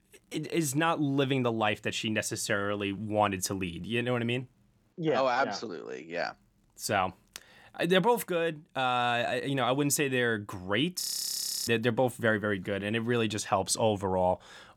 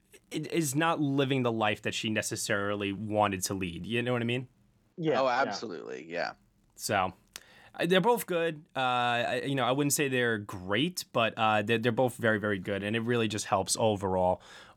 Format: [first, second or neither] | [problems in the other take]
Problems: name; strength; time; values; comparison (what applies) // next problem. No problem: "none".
second | audio freezing; at 11 s for 0.5 s